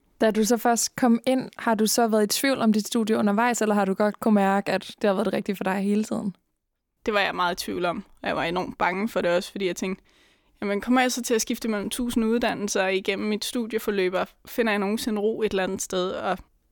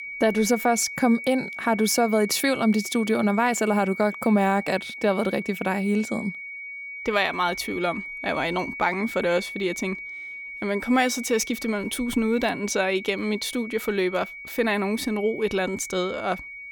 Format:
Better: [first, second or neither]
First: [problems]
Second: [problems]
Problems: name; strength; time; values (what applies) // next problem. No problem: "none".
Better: first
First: none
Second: high-pitched whine; noticeable; throughout; 2.5 kHz, 10 dB below the speech